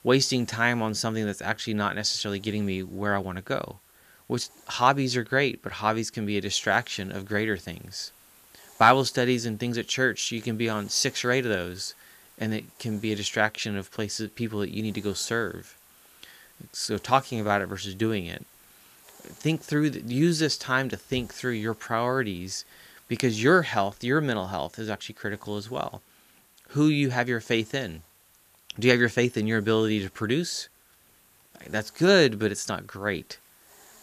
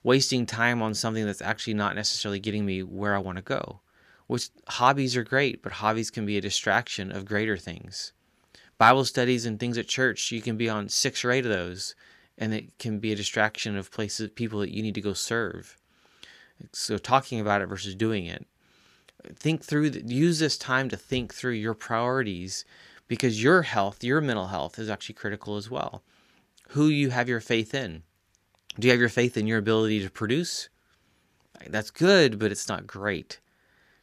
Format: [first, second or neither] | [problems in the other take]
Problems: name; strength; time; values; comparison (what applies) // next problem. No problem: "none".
second | hiss; faint; throughout; 25 dB below the speech